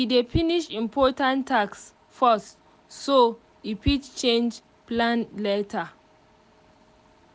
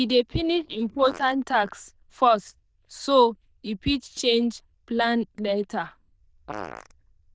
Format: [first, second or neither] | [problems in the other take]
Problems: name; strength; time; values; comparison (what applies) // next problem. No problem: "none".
first | noise reduction (neural diffusion model UNIVERSE++)